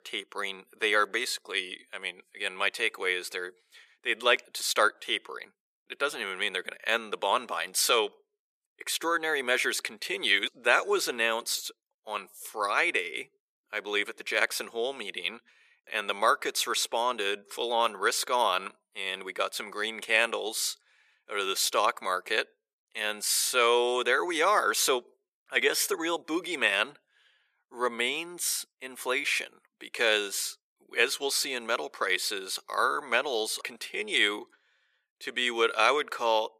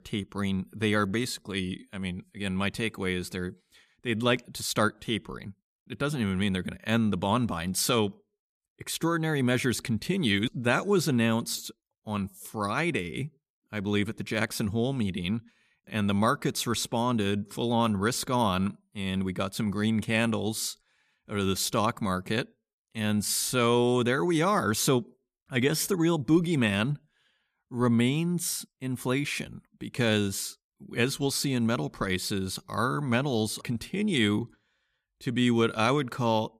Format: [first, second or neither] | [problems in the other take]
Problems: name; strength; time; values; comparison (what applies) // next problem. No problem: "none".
second | thin; very; fading below 450 Hz